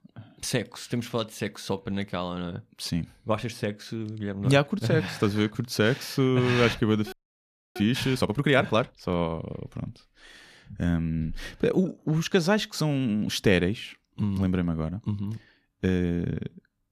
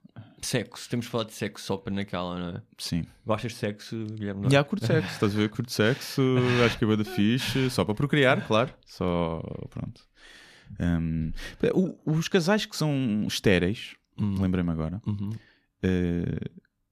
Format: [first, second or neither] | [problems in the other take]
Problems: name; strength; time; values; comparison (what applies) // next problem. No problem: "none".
second | audio freezing; at 7 s for 0.5 s